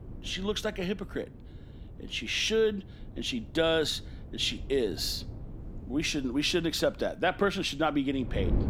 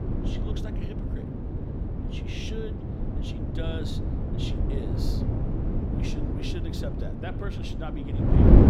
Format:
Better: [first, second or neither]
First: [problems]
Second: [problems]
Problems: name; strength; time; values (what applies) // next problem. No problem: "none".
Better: first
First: wind noise on the microphone; occasional gusts; 25 dB below the speech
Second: wind noise on the microphone; heavy; 3 dB above the speech